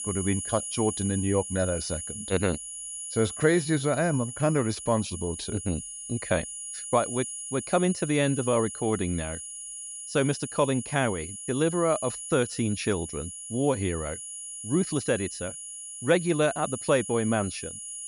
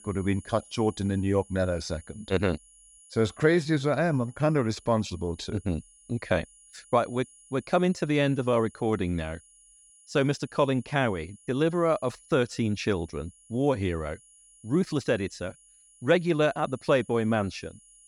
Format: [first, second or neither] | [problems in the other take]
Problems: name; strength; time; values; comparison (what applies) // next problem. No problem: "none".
second | high-pitched whine; loud; throughout; 10 kHz, 8 dB below the speech; faint in the second